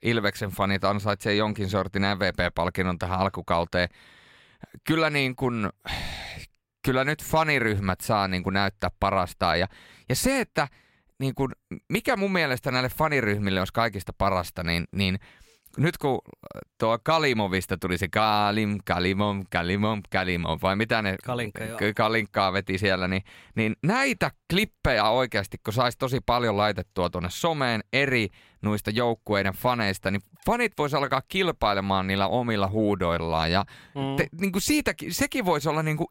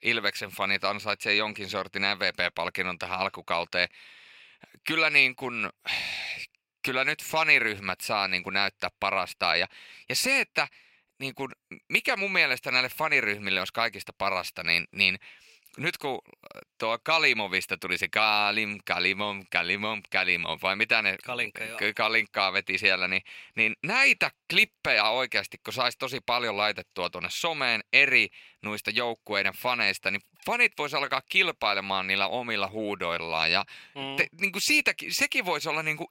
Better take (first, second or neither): first